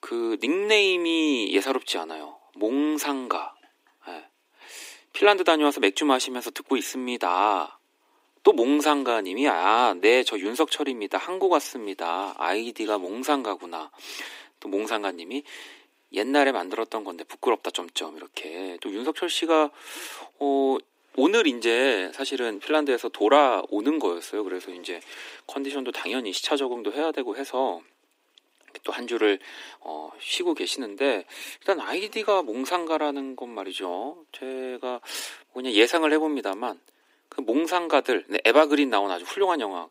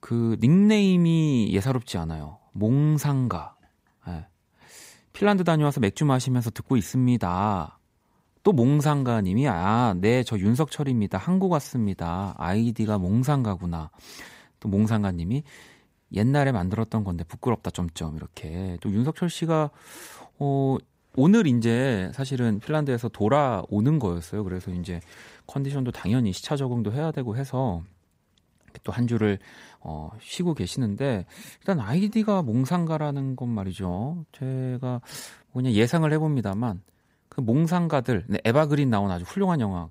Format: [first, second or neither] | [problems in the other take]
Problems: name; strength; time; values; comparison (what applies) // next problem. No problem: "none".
second | thin; somewhat; fading below 300 Hz